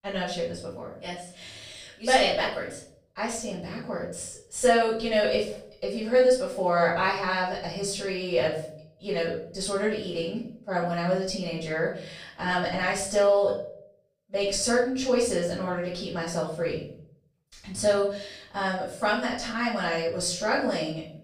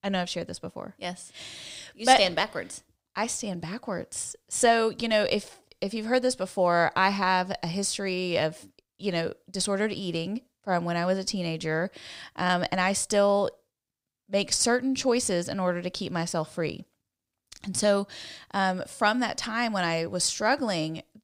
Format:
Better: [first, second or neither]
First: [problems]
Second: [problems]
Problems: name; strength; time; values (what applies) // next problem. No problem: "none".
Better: second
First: off-mic speech; far // room echo; noticeable; dies away in 0.5 s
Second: none